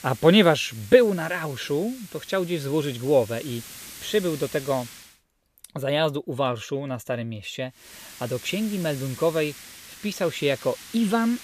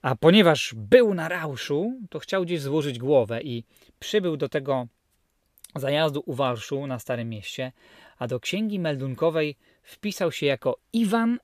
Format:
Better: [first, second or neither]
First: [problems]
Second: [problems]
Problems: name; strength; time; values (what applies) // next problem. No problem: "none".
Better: second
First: hiss; noticeable; until 5 s and from 8 s on; 15 dB below the speech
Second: none